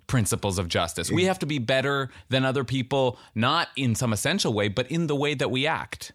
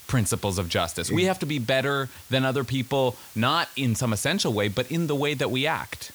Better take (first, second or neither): first